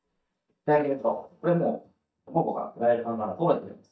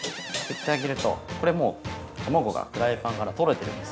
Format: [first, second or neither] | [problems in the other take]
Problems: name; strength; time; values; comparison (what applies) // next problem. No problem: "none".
second | noise reduction (neural mask model DeepFilterNet 3)